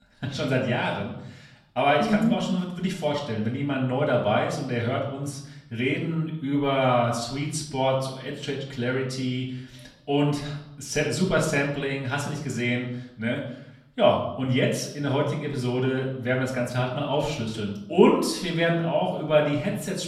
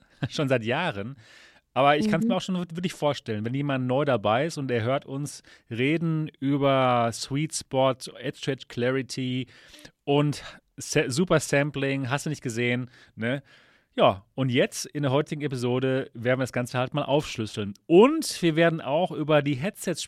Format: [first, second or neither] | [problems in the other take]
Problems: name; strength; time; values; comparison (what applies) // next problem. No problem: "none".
second | off-mic speech; far // room echo; slight; dies away in 0.7 s